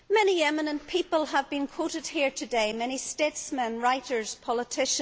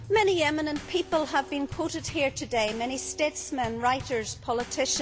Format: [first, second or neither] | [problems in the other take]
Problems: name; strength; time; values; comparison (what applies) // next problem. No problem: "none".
first | background sound (Bass drum / Snare drum / Drum kit); 15 dB below the speech